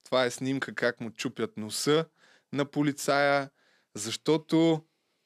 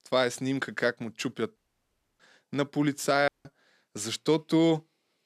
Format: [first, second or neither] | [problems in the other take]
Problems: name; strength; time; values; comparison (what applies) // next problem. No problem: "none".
first | audio cutting out; at 1.5 s for 0.5 s and at 3.5 s